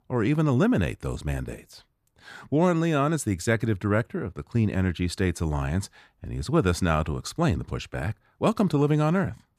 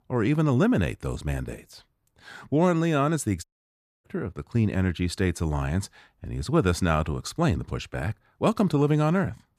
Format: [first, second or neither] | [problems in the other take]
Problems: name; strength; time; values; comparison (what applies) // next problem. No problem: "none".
first | audio cutting out; at 3.5 s for 0.5 s